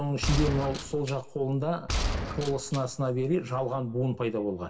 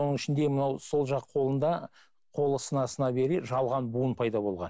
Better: second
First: background sound (Gunshot, gunfire); 3 dB below the speech // room echo; dies away in 0.7 s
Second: none

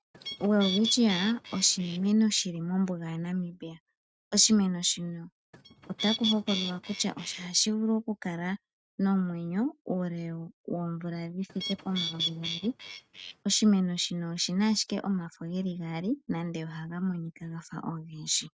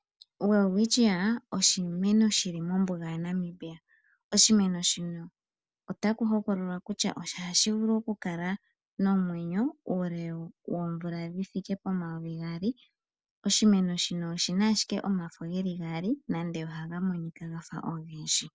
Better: second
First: noise reduction (neural mask model RNNoise)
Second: none

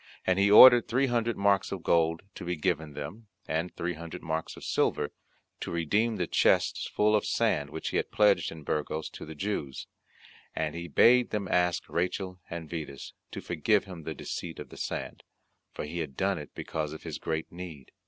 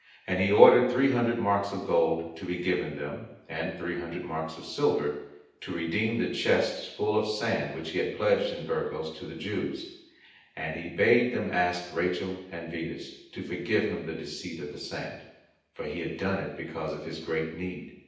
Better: first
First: none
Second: room echo; dies away in 0.9 s

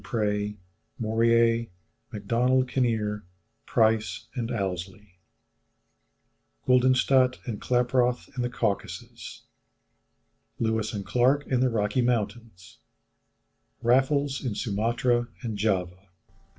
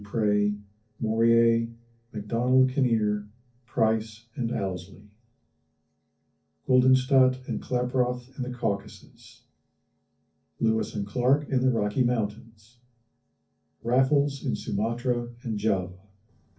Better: first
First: none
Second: room echo; dies away in 0.3 s

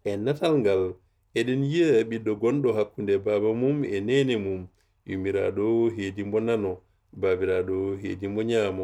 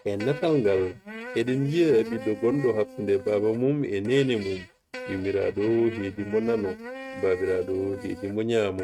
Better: first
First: none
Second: noise reduction (neural mask model RNNoise)

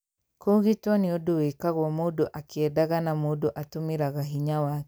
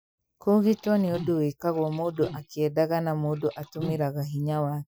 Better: first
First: none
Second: noise reduction (classical method Wiener filter)

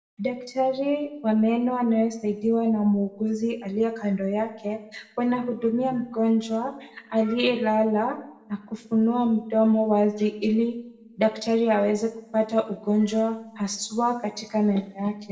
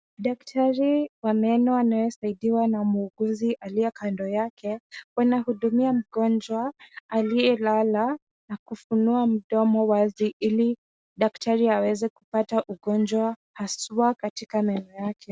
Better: second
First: room echo; dies away in 0.6 s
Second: none

